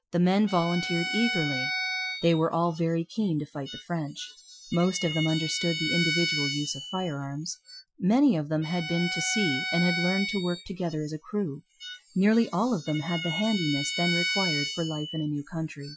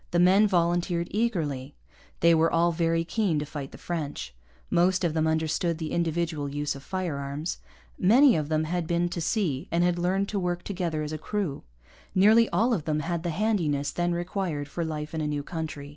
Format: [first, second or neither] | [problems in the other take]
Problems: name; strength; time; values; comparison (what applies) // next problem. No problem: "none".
second | noise reduction (classical method Wiener filter)